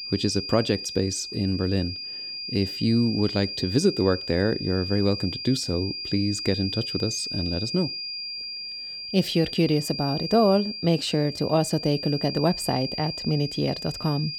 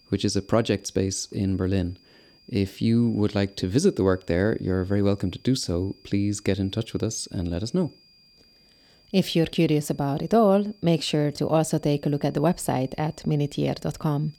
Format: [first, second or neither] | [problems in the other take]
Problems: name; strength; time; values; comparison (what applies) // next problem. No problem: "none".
second | high-pitched whine; loud; throughout; 5 kHz, 6 dB below the speech; faint in the second